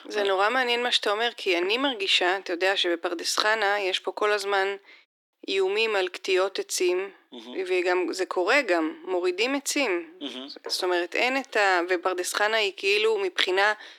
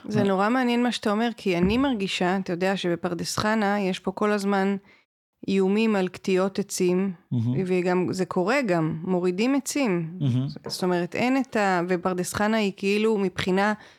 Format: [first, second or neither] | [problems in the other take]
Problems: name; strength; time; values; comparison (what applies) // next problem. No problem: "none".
second | thin; very; fading below 300 Hz